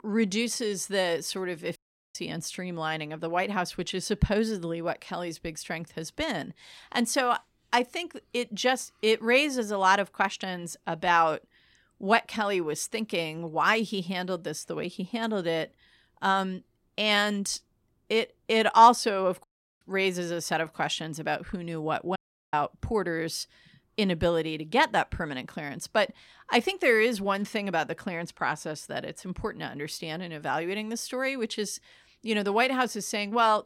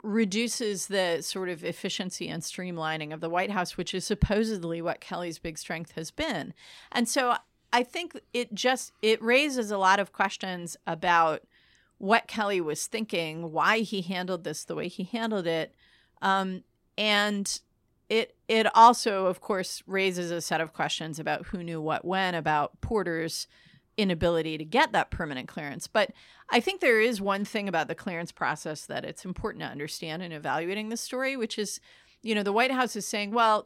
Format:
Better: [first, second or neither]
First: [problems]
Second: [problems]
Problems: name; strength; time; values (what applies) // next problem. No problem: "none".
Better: second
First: audio cutting out; at 2 s, at 19 s and at 22 s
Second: none